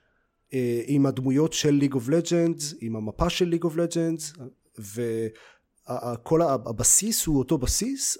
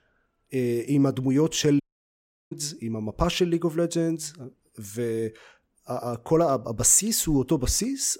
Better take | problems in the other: first | audio cutting out; at 2 s for 0.5 s

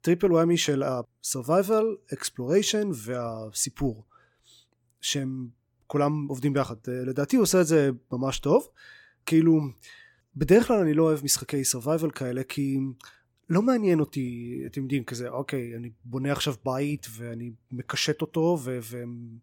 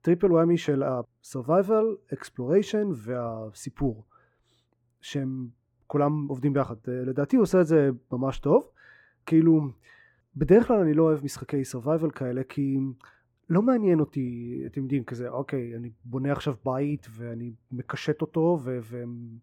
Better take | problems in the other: first | muffled; very; fading above 2.5 kHz

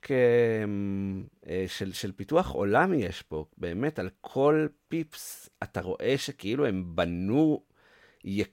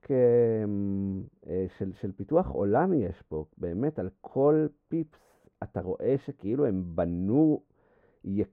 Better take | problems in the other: first | muffled; very; fading above 2 kHz

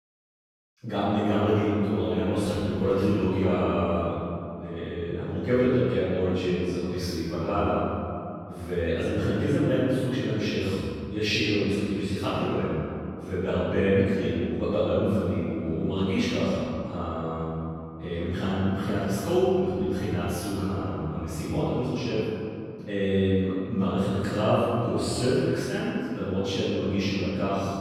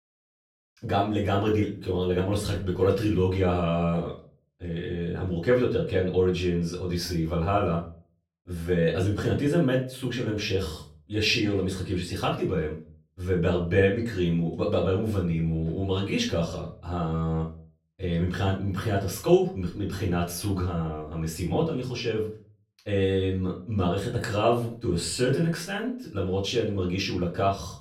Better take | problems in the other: second | room echo; strong; dies away in 2.8 s; slight in the second // off-mic speech; far; far in the second

